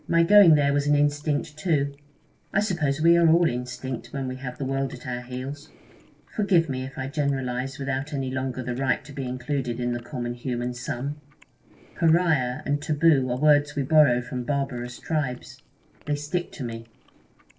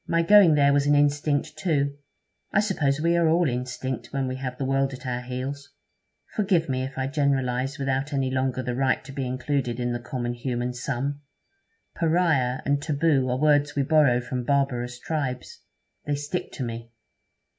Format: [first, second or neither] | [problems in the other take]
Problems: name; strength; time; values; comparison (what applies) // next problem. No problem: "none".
second | noise reduction (neural separator model SepFormer DNS4)